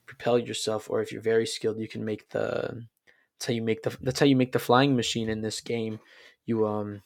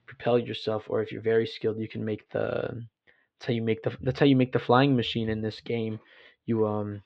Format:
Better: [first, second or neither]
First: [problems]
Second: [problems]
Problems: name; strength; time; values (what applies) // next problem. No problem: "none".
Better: first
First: none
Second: muffled; slightly; fading above 3.5 kHz